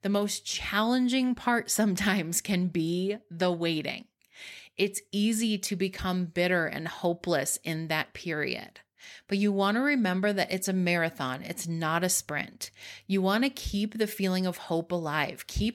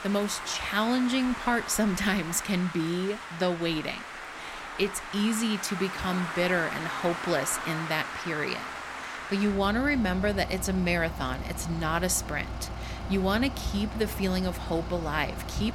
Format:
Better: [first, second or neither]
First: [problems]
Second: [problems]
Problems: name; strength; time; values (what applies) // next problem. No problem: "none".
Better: first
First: none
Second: traffic noise; loud; throughout; 8 dB below the speech